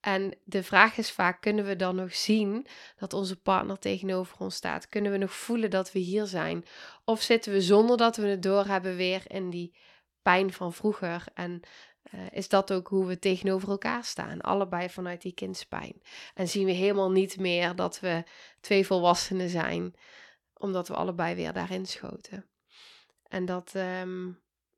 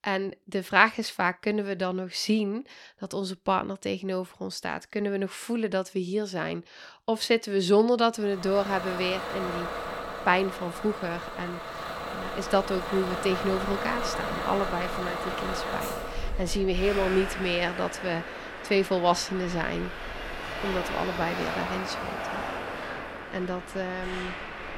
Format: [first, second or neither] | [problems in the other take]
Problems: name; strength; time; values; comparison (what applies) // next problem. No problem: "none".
first | traffic noise; loud; from 8.5 s on; 6 dB below the speech